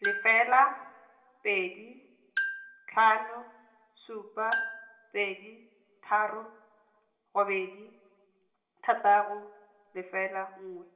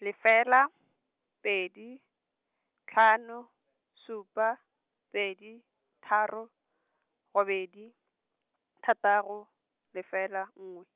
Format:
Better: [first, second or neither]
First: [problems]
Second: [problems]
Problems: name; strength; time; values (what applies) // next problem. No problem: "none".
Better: second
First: background sound (Marimba, xylophone); 8 dB below the speech // room echo; dies away in 0.8 s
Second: none